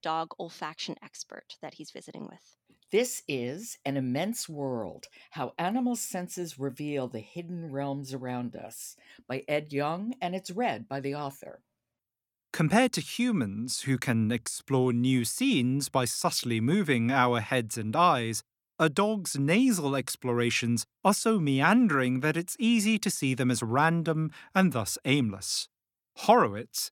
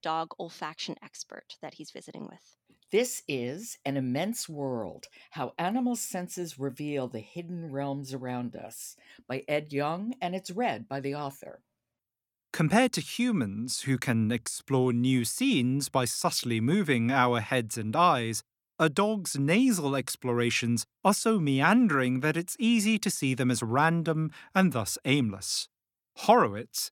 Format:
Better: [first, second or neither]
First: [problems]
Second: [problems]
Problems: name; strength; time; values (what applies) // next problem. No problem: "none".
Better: neither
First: none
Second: none